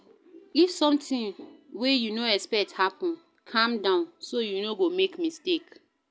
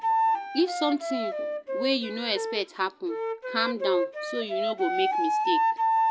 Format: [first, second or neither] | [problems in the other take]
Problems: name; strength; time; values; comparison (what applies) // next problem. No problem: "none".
first | background sound (Wind instrument, woodwind instrument); 3 dB above the speech